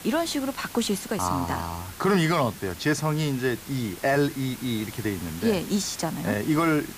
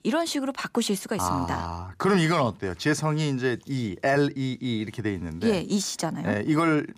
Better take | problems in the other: second | hiss; noticeable; throughout; 15 dB below the speech

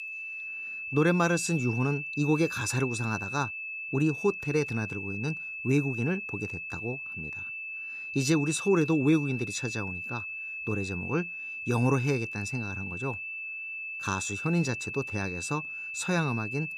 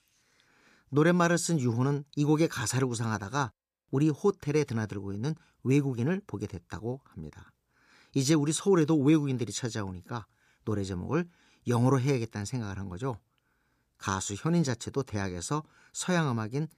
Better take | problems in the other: second | high-pitched whine; loud; throughout; 2.5 kHz, 5 dB below the speech

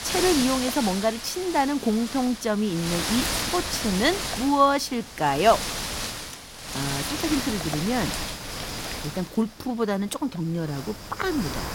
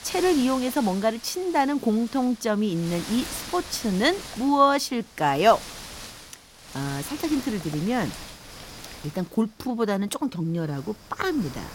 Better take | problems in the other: second | wind noise on the microphone; heavy; 4 dB below the speech; occasional gusts in the second

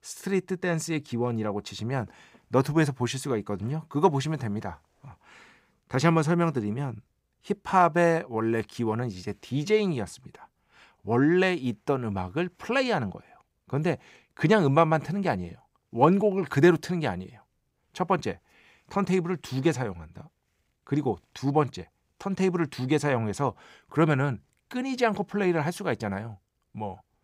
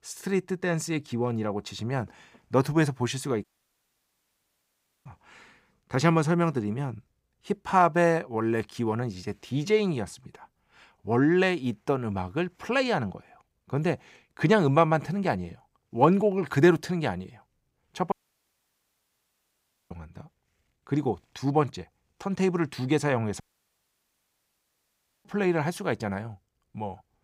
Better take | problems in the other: first | audio cutting out; at 3.5 s for 1.5 s, at 18 s for 2 s and at 23 s for 2 s

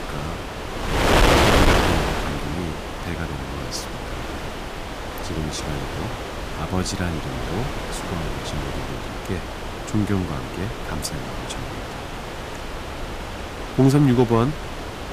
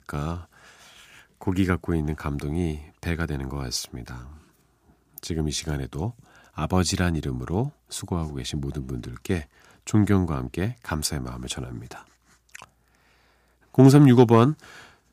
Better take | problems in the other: second | wind noise on the microphone; heavy; 3 dB above the speech

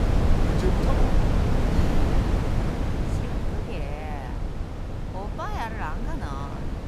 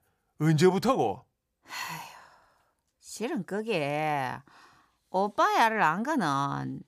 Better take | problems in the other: second | wind noise on the microphone; heavy; 3 dB above the speech

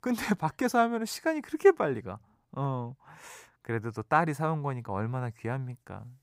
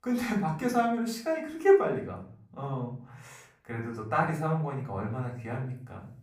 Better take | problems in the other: first | off-mic speech; far // room echo; slight; dies away in 0.4 s

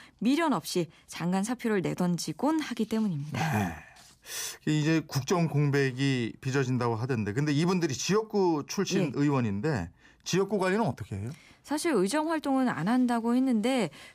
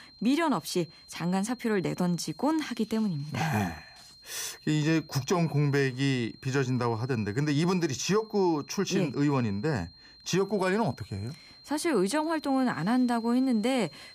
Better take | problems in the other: first | high-pitched whine; faint; throughout; 4 kHz, 25 dB below the speech

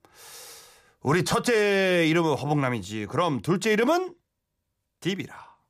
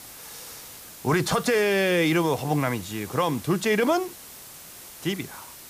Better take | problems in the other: first | hiss; noticeable; throughout; 15 dB below the speech

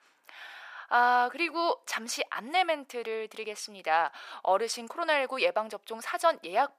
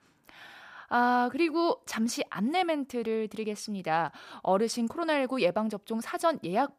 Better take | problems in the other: second | thin; very; fading below 600 Hz

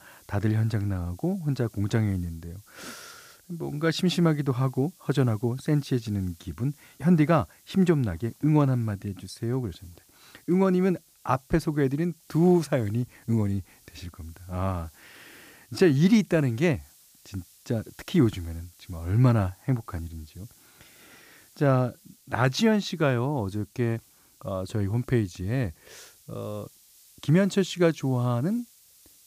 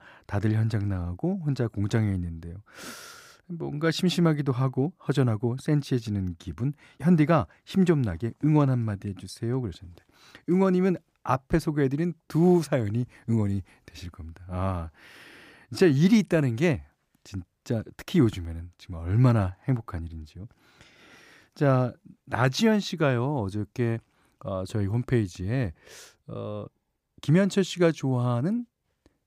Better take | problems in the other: second | hiss; faint; throughout; 30 dB below the speech

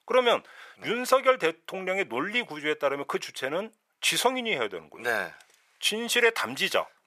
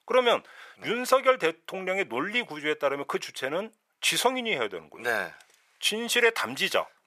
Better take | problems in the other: neither | thin; very; fading below 600 Hz; the same in both

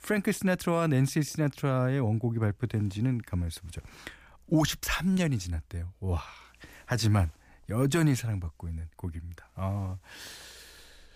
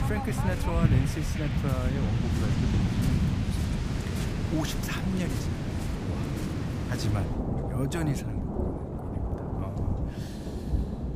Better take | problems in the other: first | rain or running water; very loud; throughout; 4 dB above the speech

